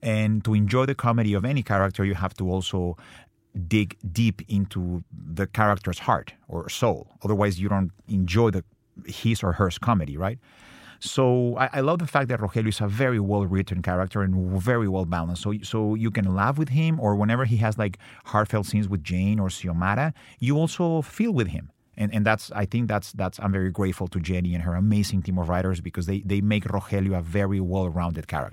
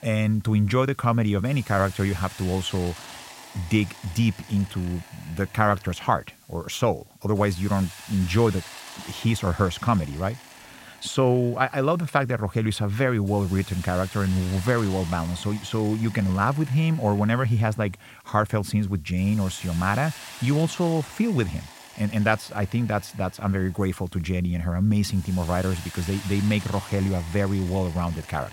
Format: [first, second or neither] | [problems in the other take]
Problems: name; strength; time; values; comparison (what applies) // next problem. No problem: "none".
first | hiss; noticeable; throughout; 15 dB below the speech